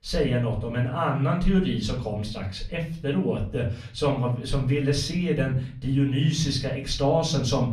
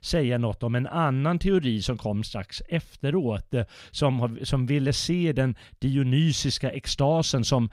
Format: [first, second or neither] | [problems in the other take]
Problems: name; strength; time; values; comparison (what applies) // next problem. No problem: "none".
second | off-mic speech; far // room echo; slight; dies away in 0.4 s